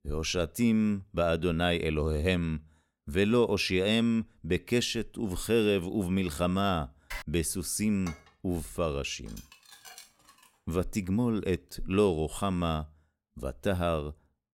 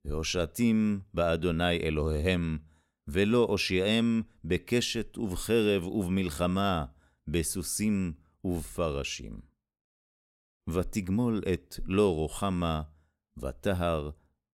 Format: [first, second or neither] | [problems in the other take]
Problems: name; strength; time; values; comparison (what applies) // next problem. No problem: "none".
second | keyboard typing; faint; at 7 s; peak 10 dB below the speech // clattering dishes; faint; from 8 to 10 s; peak 15 dB below the speech